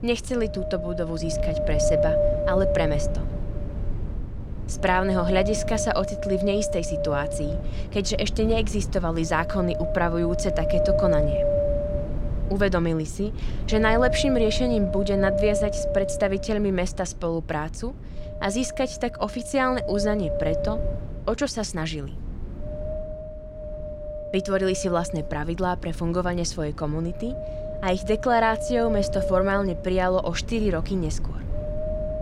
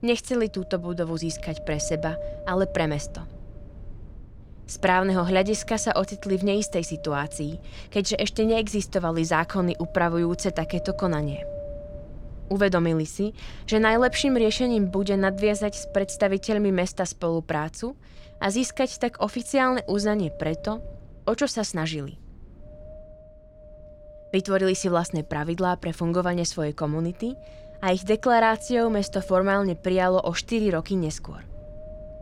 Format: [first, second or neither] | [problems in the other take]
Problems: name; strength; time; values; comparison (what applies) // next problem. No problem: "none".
second | wind noise on the microphone; heavy; 2 dB below the speech; occasional gusts in the second